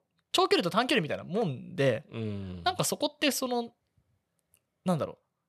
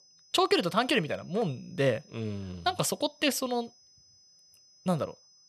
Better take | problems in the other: first | high-pitched whine; faint; throughout; 5 kHz, 30 dB below the speech

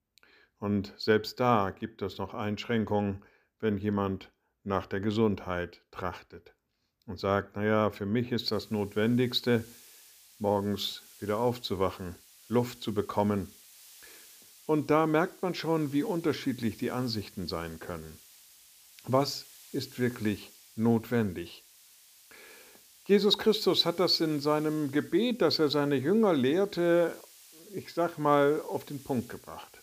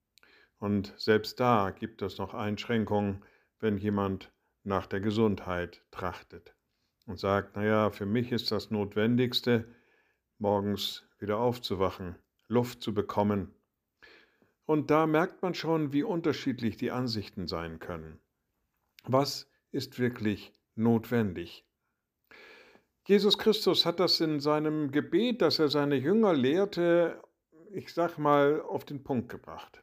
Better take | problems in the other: second | hiss; faint; from 8.5 s on; 25 dB below the speech

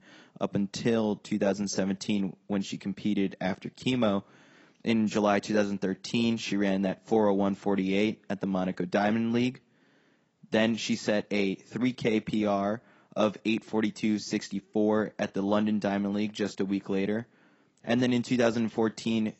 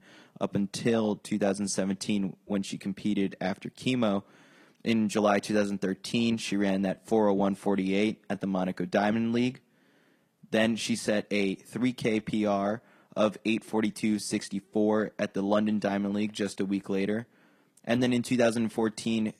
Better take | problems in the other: second | garbled, watery; badly; nothing above 8 kHz; slightly in the second

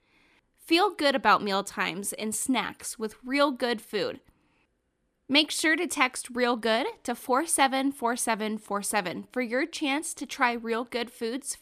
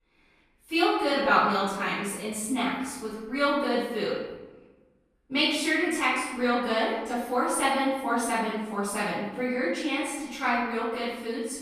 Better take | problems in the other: first | off-mic speech; far // room echo; strong; dies away in 1 s

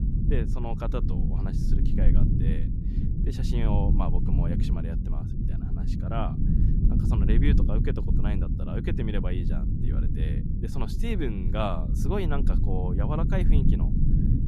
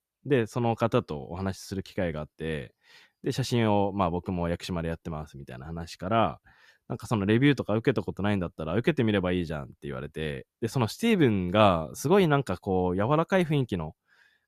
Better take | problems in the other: second | low rumble; loud; throughout; 3 dB below the speech

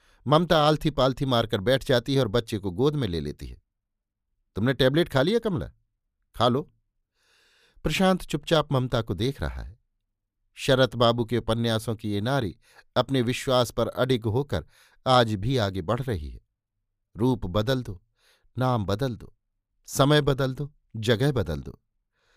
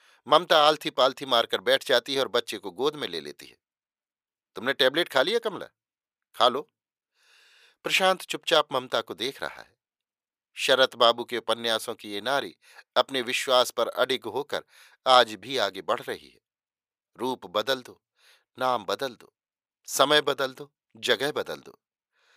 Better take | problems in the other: first | thin; very; fading below 550 Hz

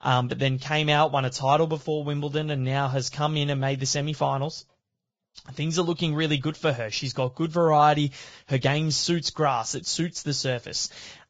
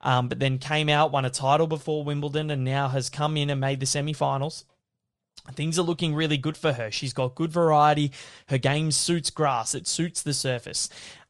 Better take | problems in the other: second | garbled, watery; badly; nothing above 7.5 kHz; slightly in the second

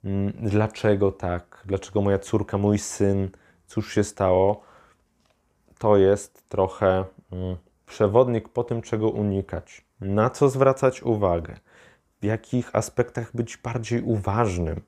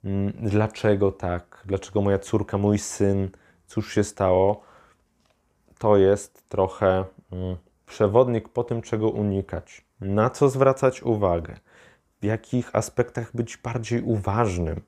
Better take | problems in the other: neither | none

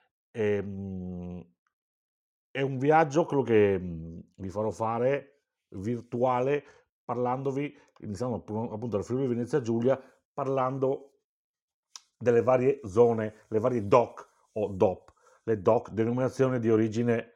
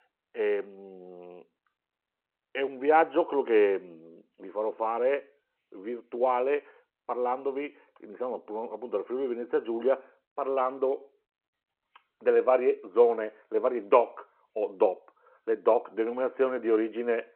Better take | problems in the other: first | phone-call audio

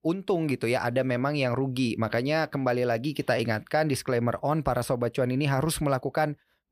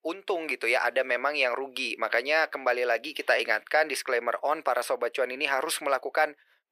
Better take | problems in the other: first | thin; very; fading below 400 Hz

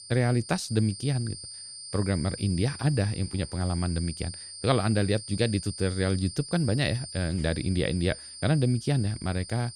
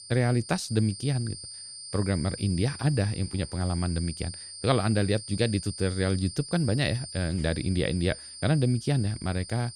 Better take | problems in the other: neither | high-pitched whine; noticeable; throughout; 9 kHz, 10 dB below the speech; the same in both

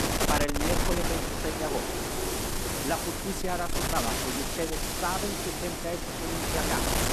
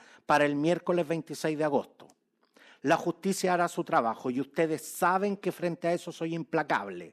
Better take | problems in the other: second | wind noise on the microphone; heavy; 3 dB above the speech

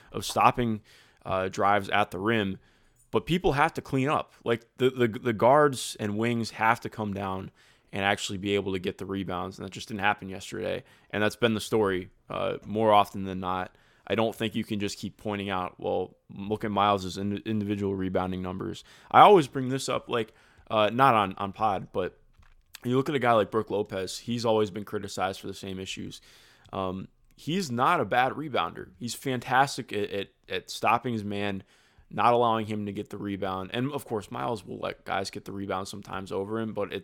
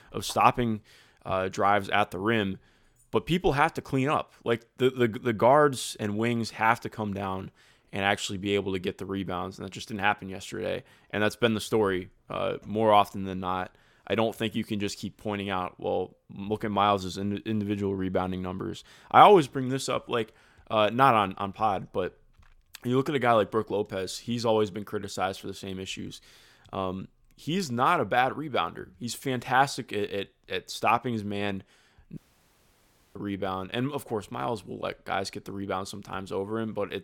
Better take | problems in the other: first | audio cutting out; at 32 s for 1 s

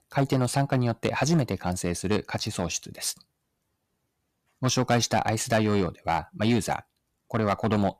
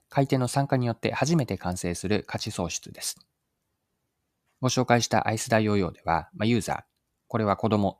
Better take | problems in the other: second | distortion; slight; 3% of the sound clipped

